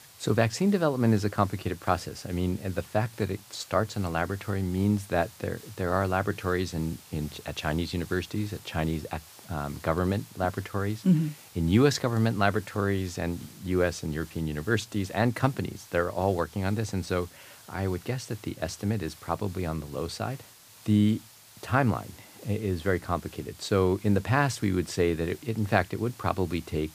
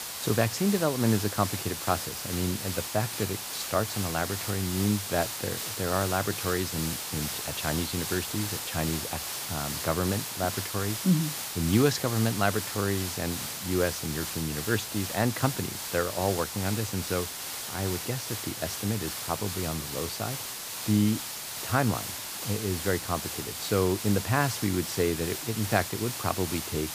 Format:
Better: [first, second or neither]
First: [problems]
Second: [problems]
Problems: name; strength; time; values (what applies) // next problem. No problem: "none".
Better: first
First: hiss; faint; throughout; 20 dB below the speech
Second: hiss; loud; throughout; 3 dB below the speech